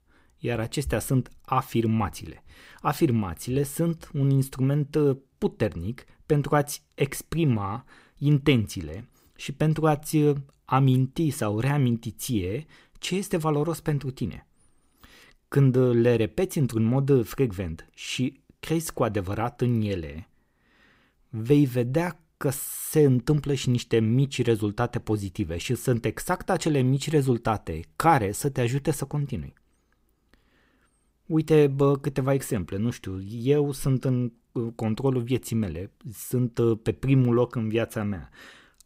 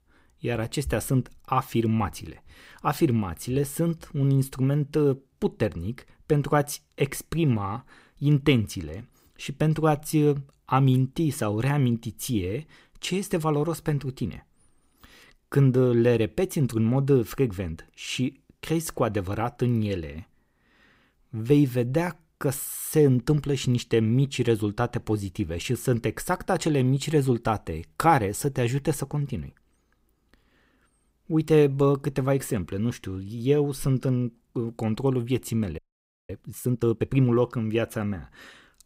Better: first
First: none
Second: audio freezing; at 36 s for 0.5 s

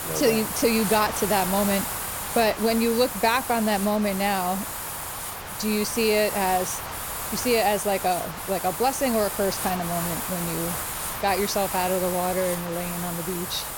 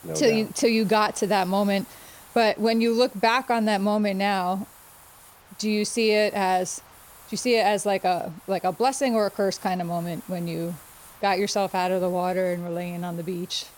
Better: second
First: hiss; loud; throughout; 5 dB below the speech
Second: hiss; faint; throughout; 20 dB below the speech

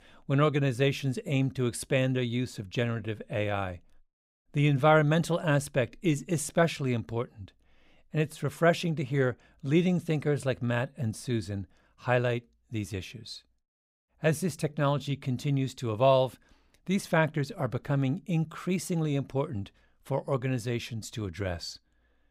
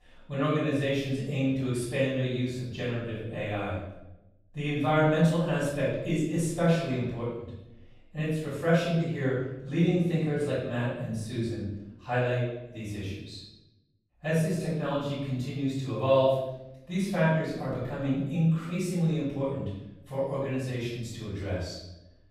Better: first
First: none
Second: off-mic speech; far // room echo; strong; dies away in 0.8 s

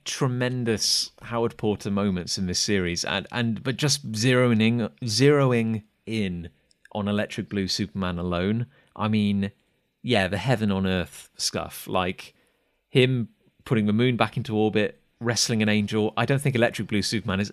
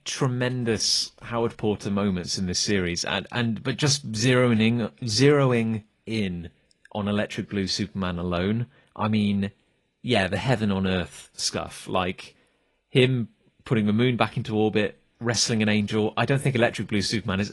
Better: first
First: none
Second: garbled, watery; slightly; nothing above 11 kHz

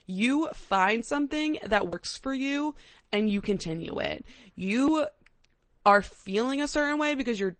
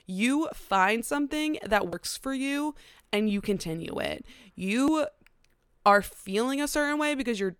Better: second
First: garbled, watery; slightly; nothing above 8.5 kHz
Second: none

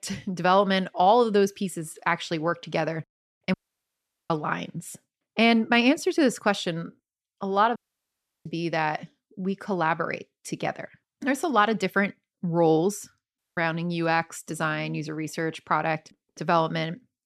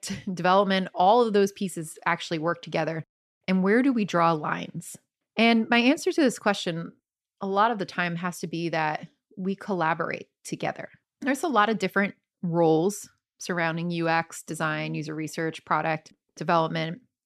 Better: second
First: audio cutting out; at 3.5 s for 1 s, at 8 s for 0.5 s and at 13 s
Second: none

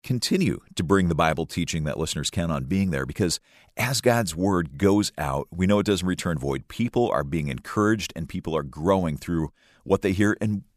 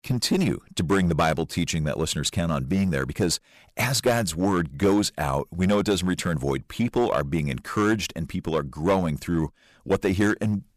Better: first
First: none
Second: distortion; slight; 6% of the sound clipped

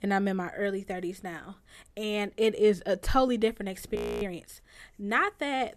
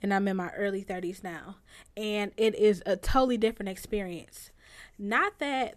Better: second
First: audio freezing; at 4 s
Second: none

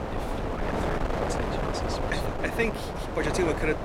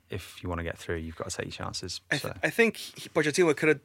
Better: second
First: wind noise on the microphone; heavy; 2 dB above the speech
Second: none

